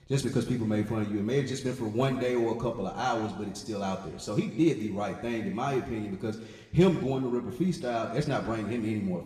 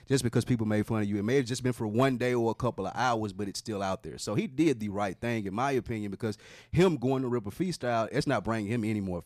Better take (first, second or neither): second